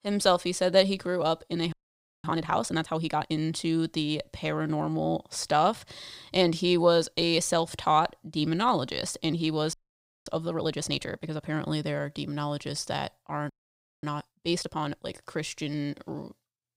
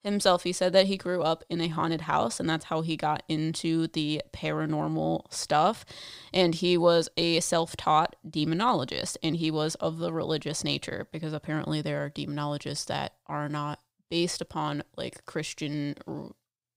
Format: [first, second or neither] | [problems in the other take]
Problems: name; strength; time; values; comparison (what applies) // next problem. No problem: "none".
second | audio freezing; at 1.5 s for 0.5 s, at 9.5 s for 0.5 s and at 14 s for 0.5 s